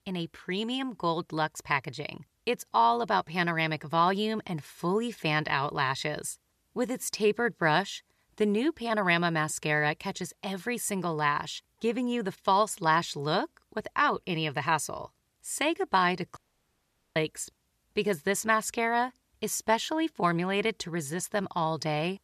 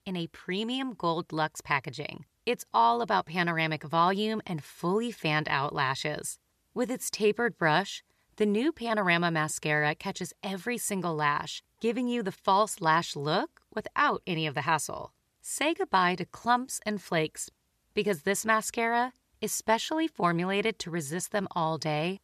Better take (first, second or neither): second